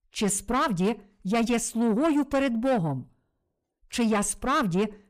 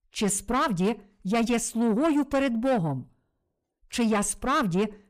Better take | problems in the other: neither | distortion; slight; 10 dB below the speech; the same in both

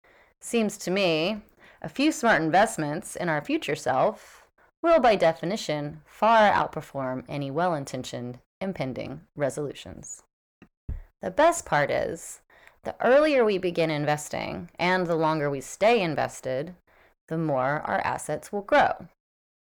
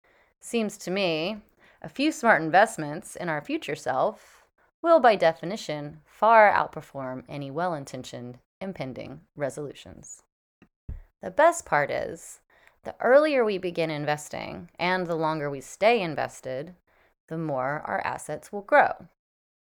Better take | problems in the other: second | distortion; slight; 10 dB below the speech

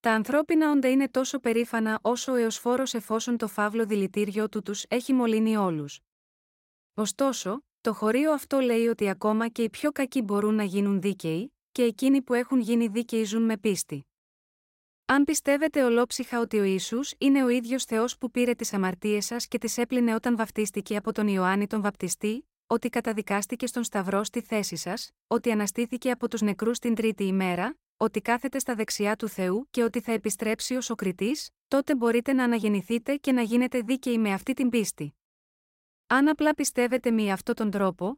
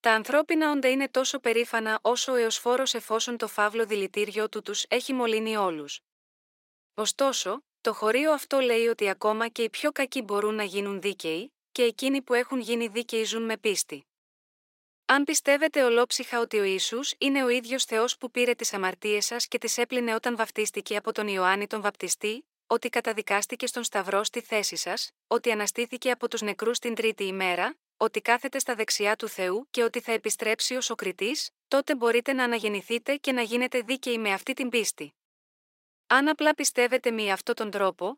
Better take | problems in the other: first | thin; somewhat; fading below 450 Hz

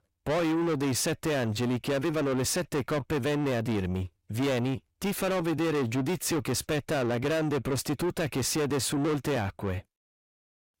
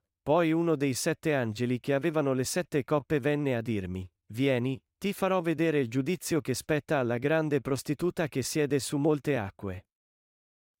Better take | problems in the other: second | distortion; heavy; 6 dB below the speech

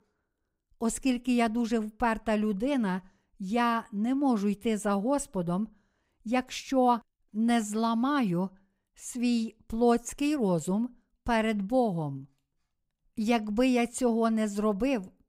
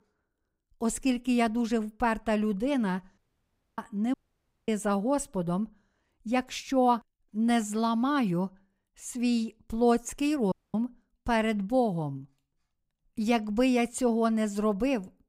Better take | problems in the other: first | audio cutting out; at 3 s for 0.5 s, at 4 s for 0.5 s and at 11 s

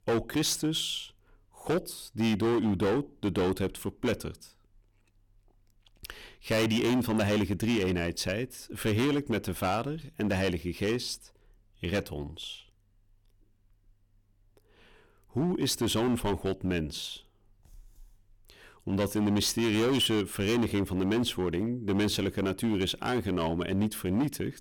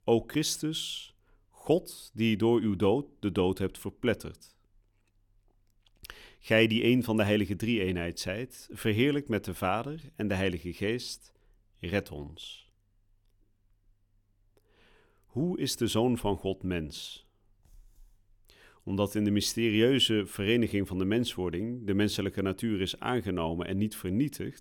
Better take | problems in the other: second | distortion; heavy; 11% of the sound clipped

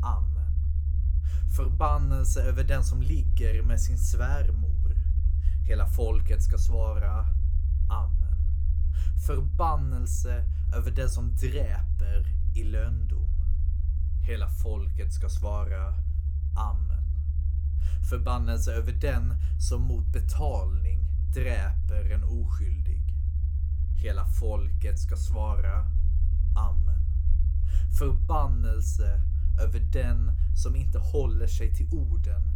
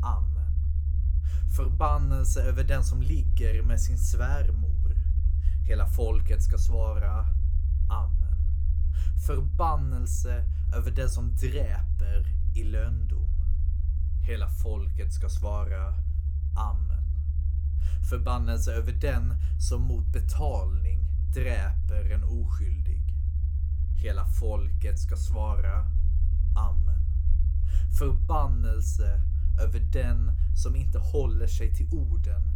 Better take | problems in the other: neither | low rumble; loud; throughout; 10 dB below the speech; the same in both

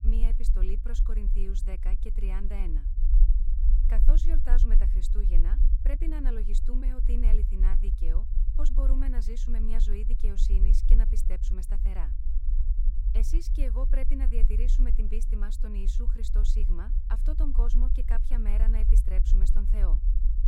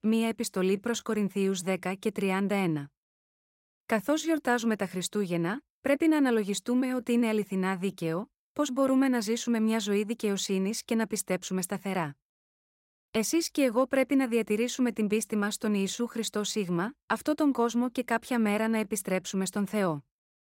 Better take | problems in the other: second | low rumble; loud; throughout; 6 dB below the speech

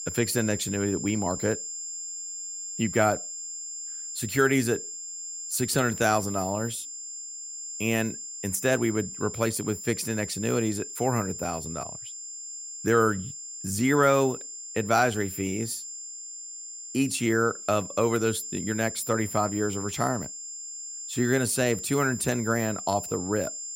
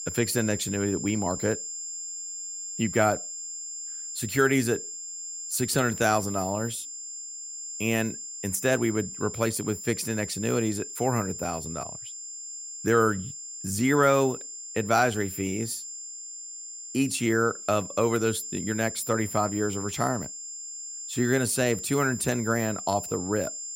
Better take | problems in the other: neither | high-pitched whine; loud; throughout; 7.5 kHz, 8 dB below the speech; the same in both

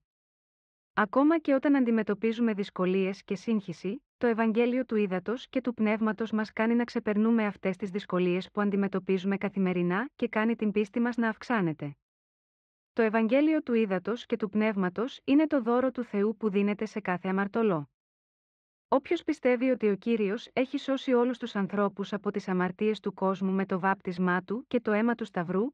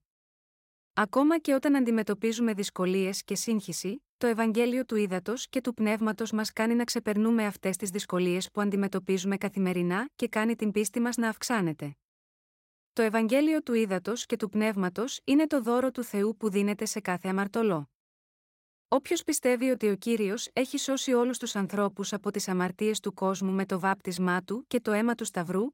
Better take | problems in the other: second | muffled; very; fading above 3 kHz

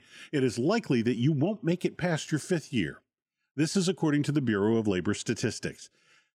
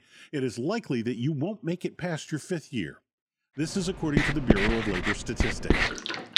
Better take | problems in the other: first | household noises; very loud; from 3.5 s on; 4 dB above the speech

